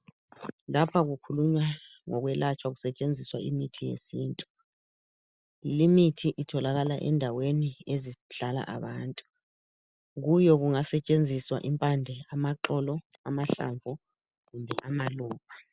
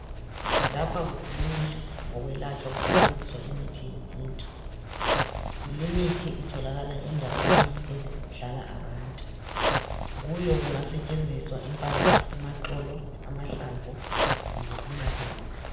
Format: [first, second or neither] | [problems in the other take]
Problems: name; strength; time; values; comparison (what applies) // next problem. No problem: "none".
first | background sound (Zipper (clothing)); 4 dB above the speech // room echo; dies away in 1.1 s